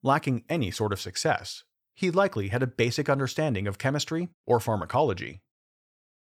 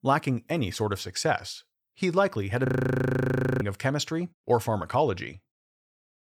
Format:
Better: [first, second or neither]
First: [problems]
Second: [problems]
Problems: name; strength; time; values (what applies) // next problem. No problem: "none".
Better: first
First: none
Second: audio freezing; at 2.5 s for 1 s